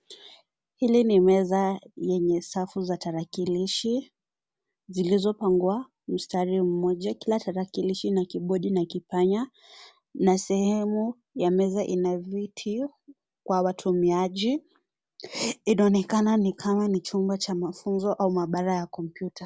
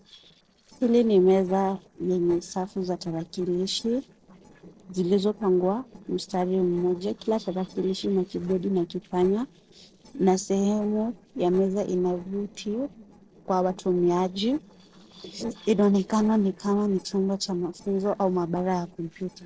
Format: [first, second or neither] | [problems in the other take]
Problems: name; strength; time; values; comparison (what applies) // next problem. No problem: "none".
first | noise reduction (neural separator model SepFormer DNS4)